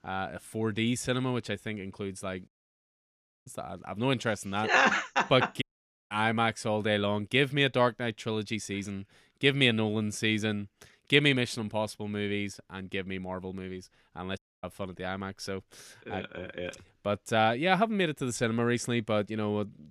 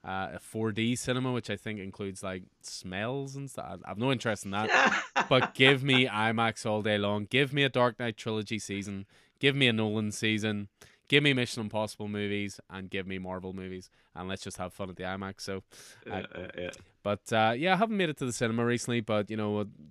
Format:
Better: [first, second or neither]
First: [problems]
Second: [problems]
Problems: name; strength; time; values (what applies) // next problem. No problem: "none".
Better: second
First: audio cutting out; at 2.5 s for 1 s, at 5.5 s and at 14 s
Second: none